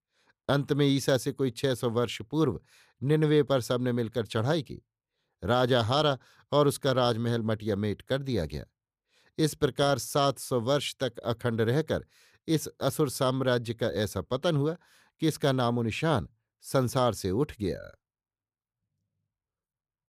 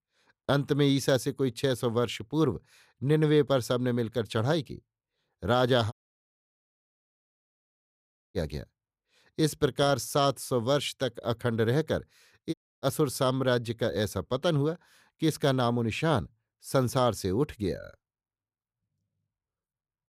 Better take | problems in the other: first | audio cutting out; at 6 s for 2.5 s and at 13 s

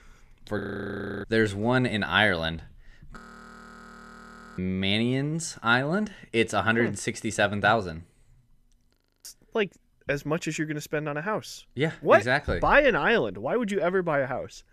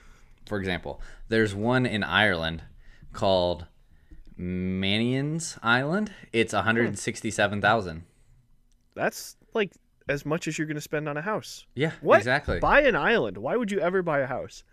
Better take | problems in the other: second | audio freezing; at 0.5 s for 0.5 s, at 3 s for 1.5 s and at 9 s

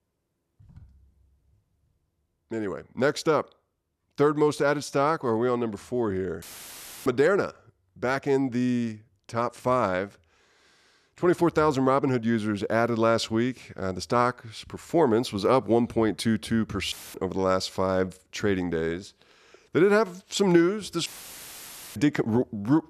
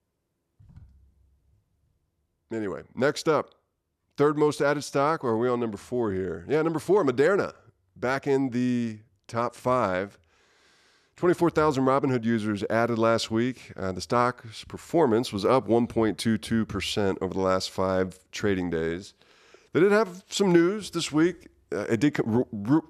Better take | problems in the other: second | audio cutting out; filled with static; at 6.5 s for 0.5 s, at 17 s and at 21 s for 1 s

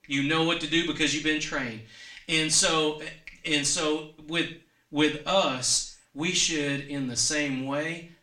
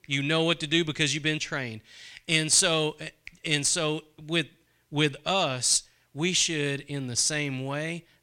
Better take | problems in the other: second | room echo; slight; dies away in 0.4 s // off-mic speech; far

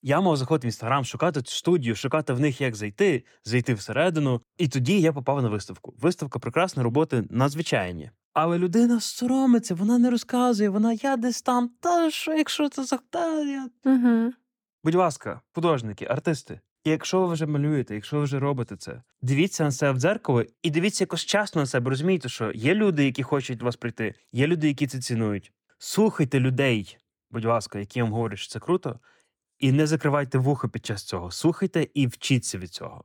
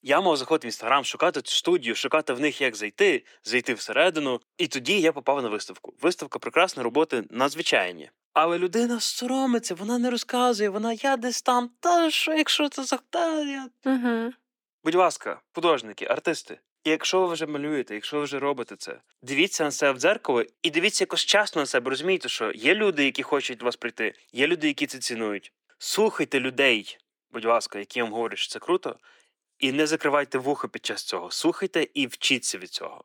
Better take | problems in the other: first | thin; somewhat; fading below 300 Hz

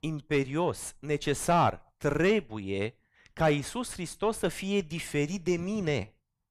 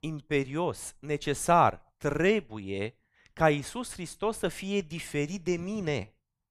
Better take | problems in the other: second | distortion; slight; 10 dB below the speech

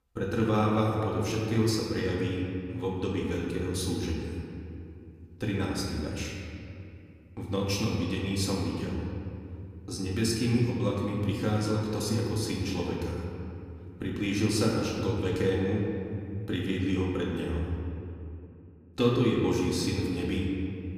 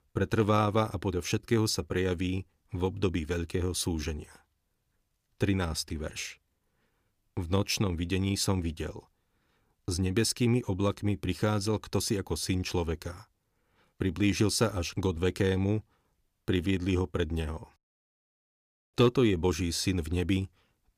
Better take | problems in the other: second | room echo; noticeable; dies away in 2.5 s // off-mic speech; far

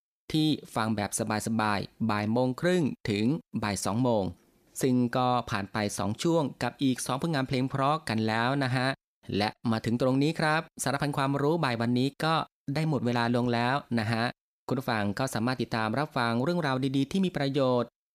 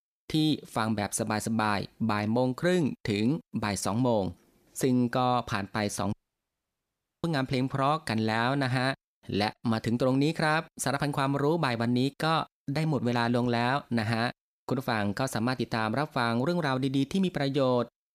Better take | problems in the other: first | audio cutting out; at 6 s for 1 s

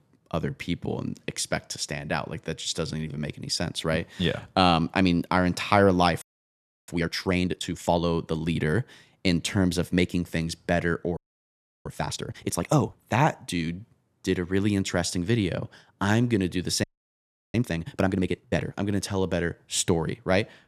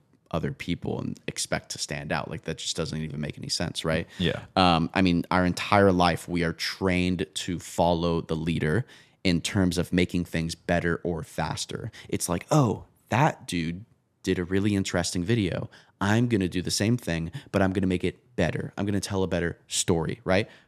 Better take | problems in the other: second | audio freezing; at 6 s for 0.5 s, at 11 s for 0.5 s and at 17 s for 0.5 s

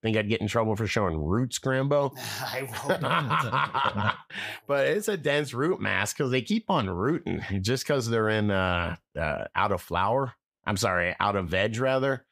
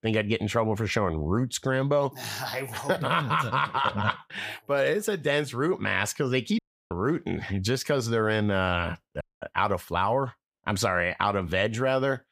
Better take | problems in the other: first | audio cutting out; at 6.5 s and at 9 s

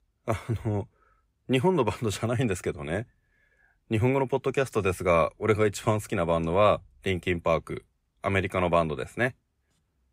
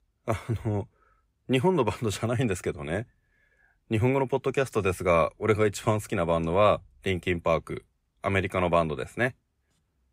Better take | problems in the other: neither | none

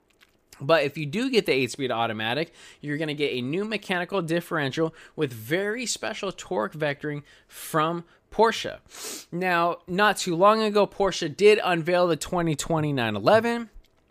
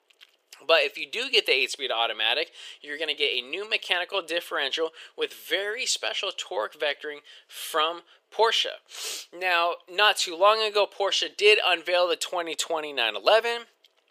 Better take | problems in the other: first | thin; very; fading below 450 Hz

